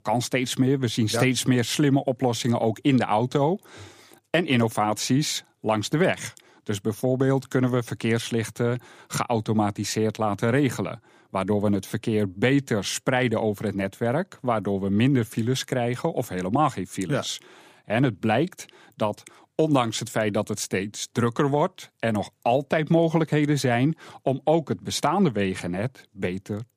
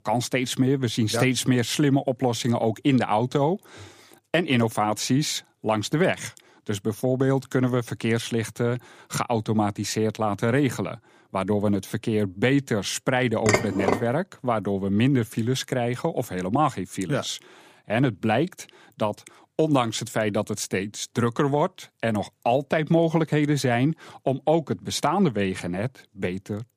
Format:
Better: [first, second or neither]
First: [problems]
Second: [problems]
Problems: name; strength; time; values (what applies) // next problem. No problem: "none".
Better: first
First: none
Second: clattering dishes; loud; at 13 s; peak 1 dB above the speech